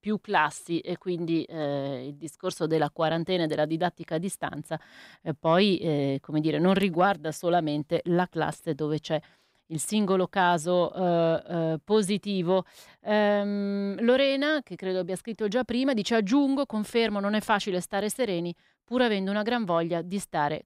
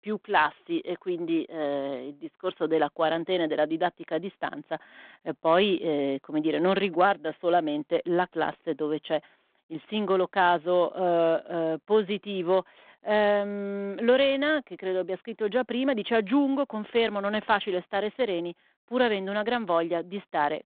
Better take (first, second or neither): first